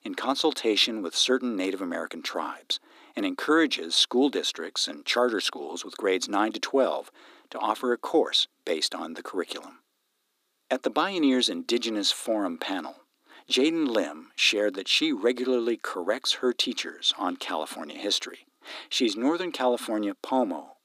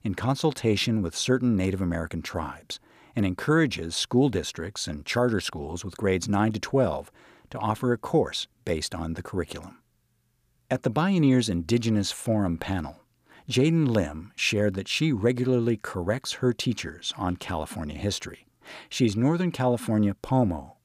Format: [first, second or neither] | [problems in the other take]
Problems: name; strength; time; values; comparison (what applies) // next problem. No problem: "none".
second | thin; very slightly; fading below 300 Hz